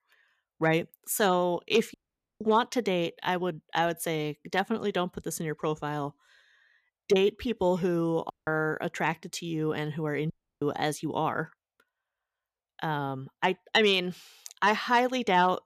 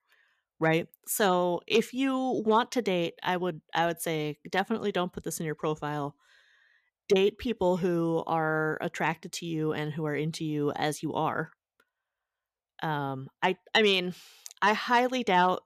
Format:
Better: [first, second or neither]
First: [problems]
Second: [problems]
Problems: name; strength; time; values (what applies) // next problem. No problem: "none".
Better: second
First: audio cutting out; at 2 s, at 8.5 s and at 10 s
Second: none